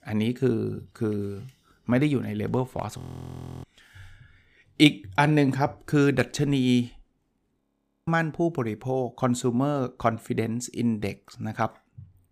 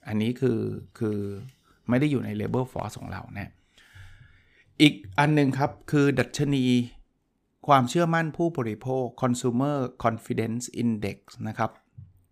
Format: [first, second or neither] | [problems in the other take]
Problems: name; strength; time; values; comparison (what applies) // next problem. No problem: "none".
second | audio freezing; at 3 s for 0.5 s and at 7.5 s